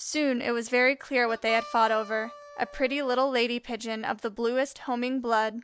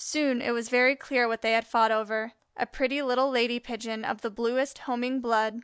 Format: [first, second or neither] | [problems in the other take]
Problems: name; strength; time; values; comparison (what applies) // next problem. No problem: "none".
second | background sound (Harmonica); 17 dB below the speech